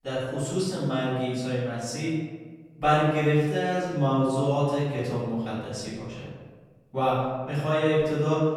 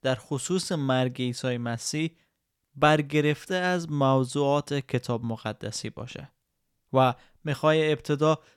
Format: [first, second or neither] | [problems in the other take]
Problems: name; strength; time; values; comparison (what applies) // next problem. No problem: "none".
second | off-mic speech; far // room echo; strong; dies away in 1.2 s